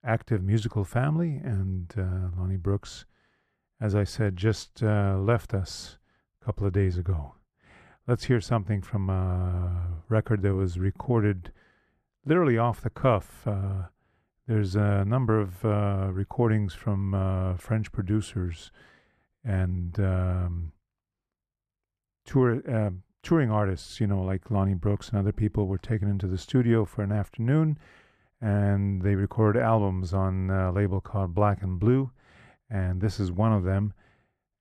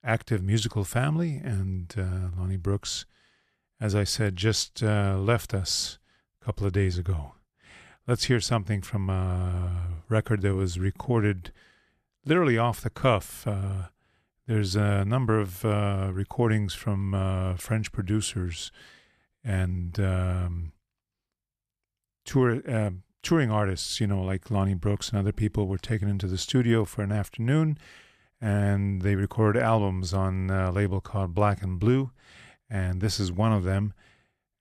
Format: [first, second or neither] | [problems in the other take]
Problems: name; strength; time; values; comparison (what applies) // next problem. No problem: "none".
second | muffled; slightly; fading above 2 kHz